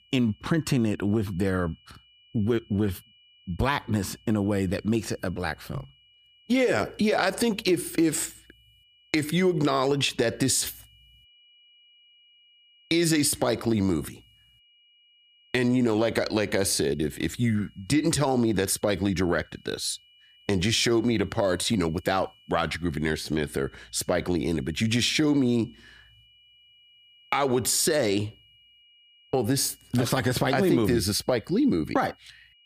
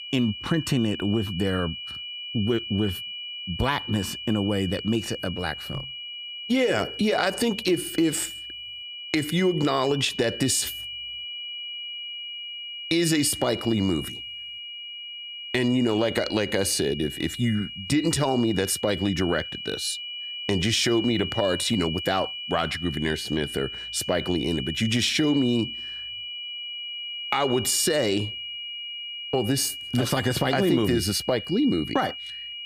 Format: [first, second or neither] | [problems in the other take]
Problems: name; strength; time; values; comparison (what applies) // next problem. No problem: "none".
first | high-pitched whine; loud; throughout; 3 kHz, 8 dB below the speech; faint in the first